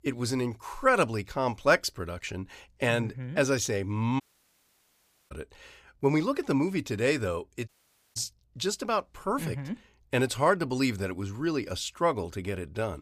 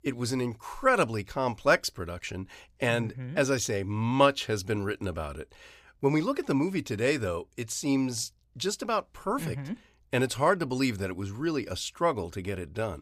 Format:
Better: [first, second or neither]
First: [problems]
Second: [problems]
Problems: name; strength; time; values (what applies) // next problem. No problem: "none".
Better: second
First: audio cutting out; at 4 s for 1 s and at 7.5 s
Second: none